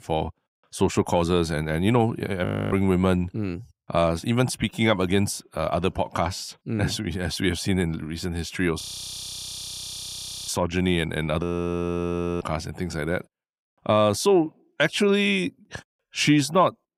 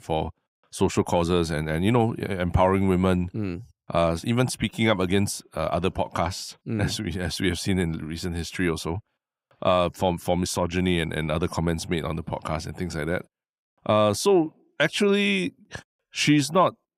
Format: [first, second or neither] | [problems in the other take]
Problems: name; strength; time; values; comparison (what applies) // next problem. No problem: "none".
second | audio freezing; at 2.5 s, at 9 s for 1.5 s and at 11 s for 1 s